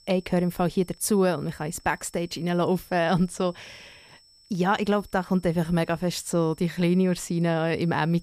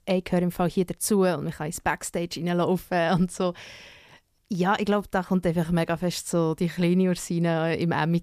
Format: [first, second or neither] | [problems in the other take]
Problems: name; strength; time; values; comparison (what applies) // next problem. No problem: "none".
second | high-pitched whine; faint; throughout; 5.5 kHz, 30 dB below the speech